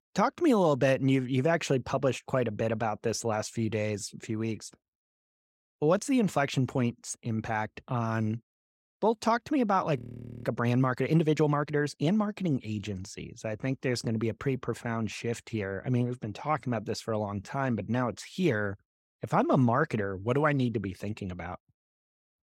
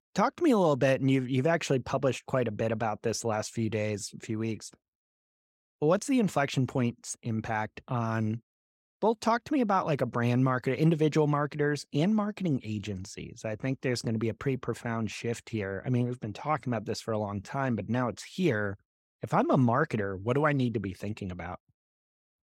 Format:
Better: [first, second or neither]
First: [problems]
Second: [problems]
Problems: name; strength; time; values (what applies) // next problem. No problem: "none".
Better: second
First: audio freezing; at 10 s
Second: none